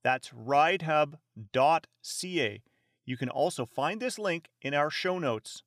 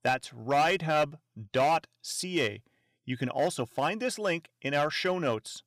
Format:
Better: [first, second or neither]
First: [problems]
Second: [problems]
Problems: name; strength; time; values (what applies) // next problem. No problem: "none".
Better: first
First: none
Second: distortion; slight; 5% of the sound clipped